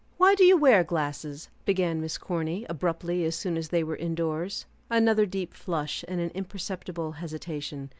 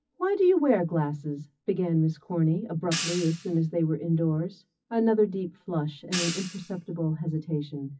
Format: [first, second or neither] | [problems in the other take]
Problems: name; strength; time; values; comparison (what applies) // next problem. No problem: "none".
first | noise reduction (classical method WPE with log-MMSE)